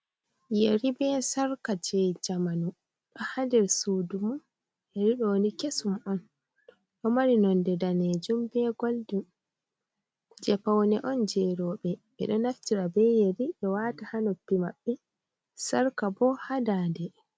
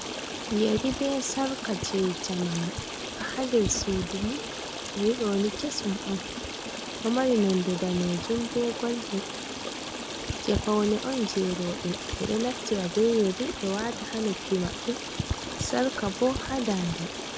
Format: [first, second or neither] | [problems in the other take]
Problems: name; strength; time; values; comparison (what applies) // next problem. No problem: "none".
first | background sound (Stream); 6 dB below the speech